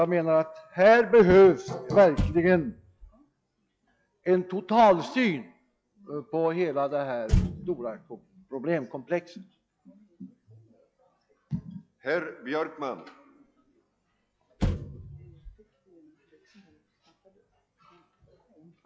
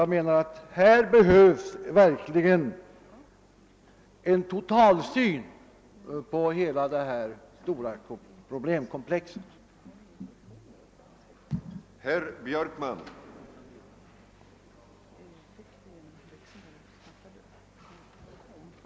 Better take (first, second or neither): second